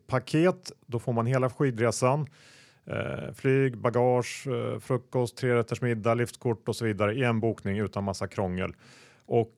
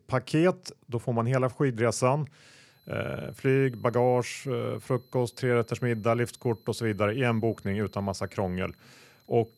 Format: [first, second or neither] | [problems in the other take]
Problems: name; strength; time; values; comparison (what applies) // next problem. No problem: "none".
first | high-pitched whine; faint; from 3 s on; 4 kHz, 35 dB below the speech